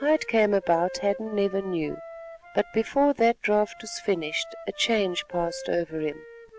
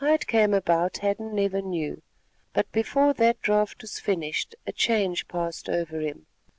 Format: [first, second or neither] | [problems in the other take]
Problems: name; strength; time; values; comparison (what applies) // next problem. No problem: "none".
second | background sound (Wind instrument, woodwind instrument); 16 dB below the speech